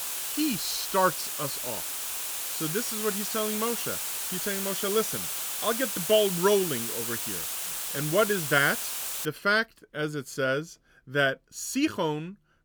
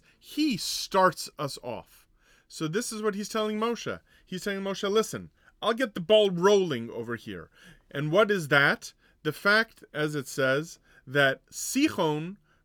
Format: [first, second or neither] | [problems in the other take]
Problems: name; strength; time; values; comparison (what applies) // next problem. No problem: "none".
second | hiss; loud; until 9.5 s; 1 dB below the speech